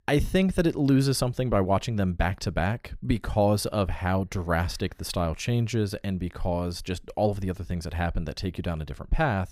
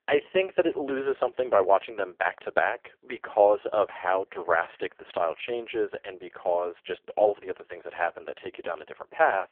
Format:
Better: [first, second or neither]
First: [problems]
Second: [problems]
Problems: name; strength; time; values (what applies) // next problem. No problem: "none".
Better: first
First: none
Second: phone-call audio; poor line